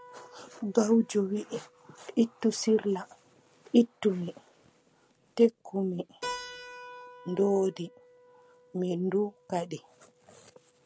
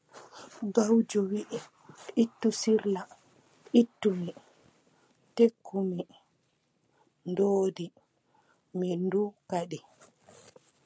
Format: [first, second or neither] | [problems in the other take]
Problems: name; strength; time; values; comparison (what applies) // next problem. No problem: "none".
second | background sound (Keyboard (musical)); 19 dB below the speech